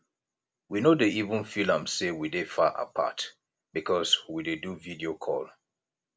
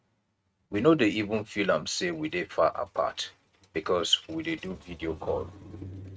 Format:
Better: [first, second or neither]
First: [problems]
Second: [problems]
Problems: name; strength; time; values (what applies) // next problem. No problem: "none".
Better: first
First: none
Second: noise reduction (neural mask model RNNoise)